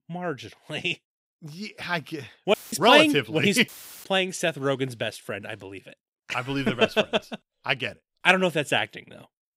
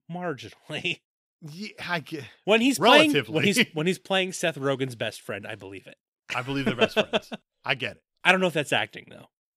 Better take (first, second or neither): second